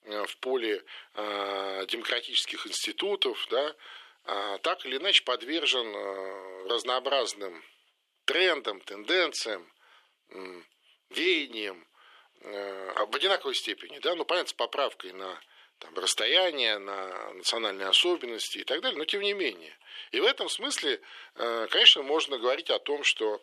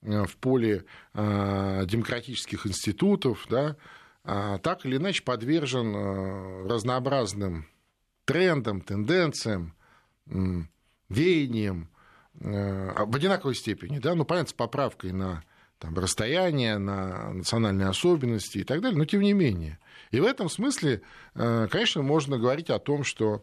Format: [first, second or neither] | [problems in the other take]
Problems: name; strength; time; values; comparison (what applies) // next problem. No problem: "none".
second | thin; very; fading below 350 Hz